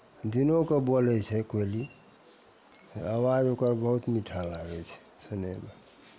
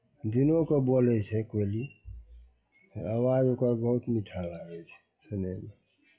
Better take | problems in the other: first | noise reduction (classical method WPE with log-MMSE)

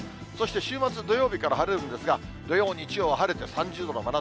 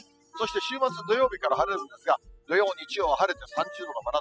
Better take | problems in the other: first | noise reduction (classical method spectral subtraction)

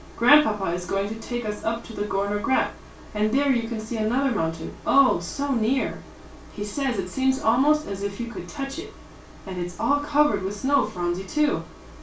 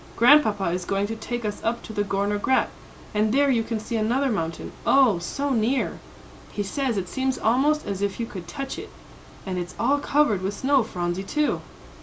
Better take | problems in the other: second | room echo; dies away in 0.2 s

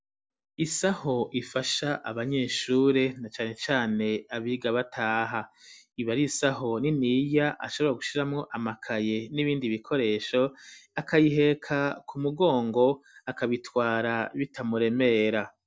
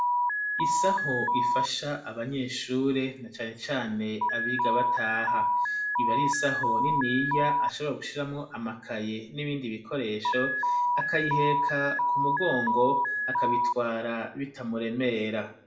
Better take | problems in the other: first | background sound (Alarm); 2 dB above the speech // room echo; dies away in 0.5 s

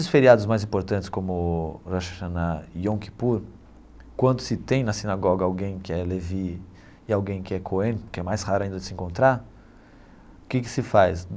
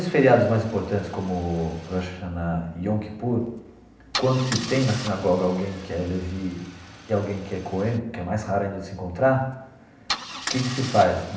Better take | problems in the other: first | background sound (Idling / Engine starting / Car); 13 dB below the speech // room echo; dies away in 0.8 s

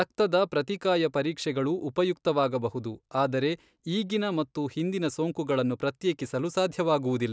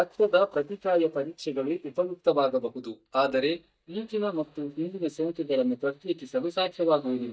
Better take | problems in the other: first | noise reduction (neural mask model DeepFilterNet 3)

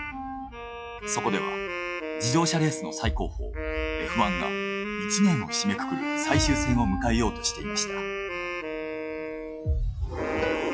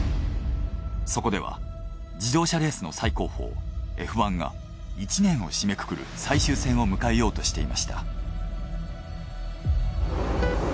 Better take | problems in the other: second | noise reduction (classical method log-MMSE)

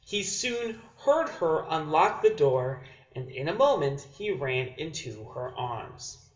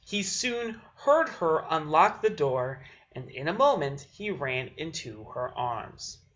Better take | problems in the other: second | room echo; dies away in 0.8 s

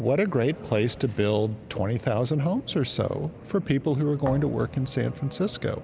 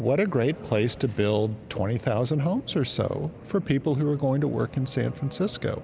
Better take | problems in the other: second | background sound (Thump, thud); 14 dB below the speech

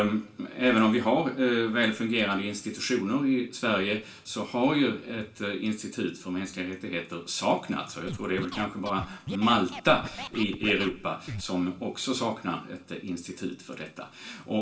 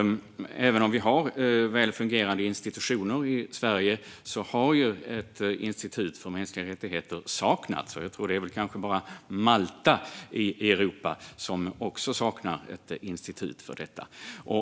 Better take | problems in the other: second | background sound (Scratching (performance technique)); 11 dB below the speech // room echo; dies away in 0.3 s

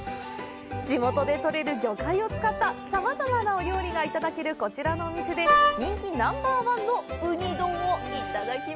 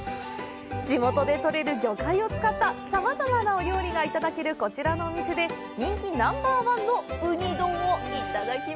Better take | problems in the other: second | background sound (Wind instrument, woodwind instrument); 5 dB above the speech

